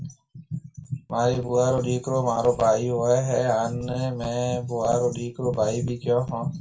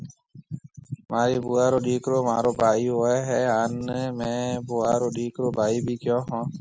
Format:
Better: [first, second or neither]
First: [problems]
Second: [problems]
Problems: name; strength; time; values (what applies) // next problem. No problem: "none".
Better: second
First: room echo; dies away in 0.2 s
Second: none